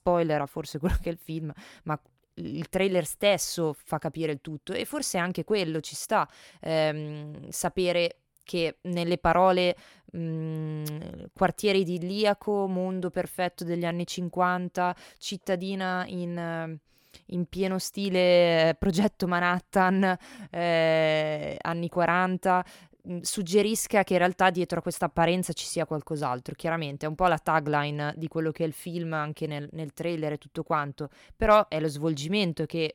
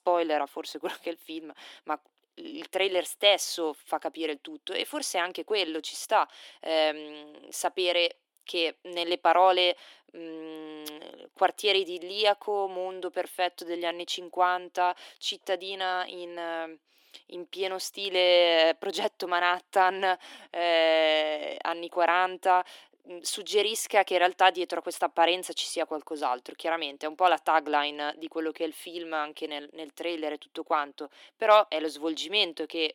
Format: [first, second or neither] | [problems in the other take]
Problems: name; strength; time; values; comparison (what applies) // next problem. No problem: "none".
first | thin; very; fading below 300 Hz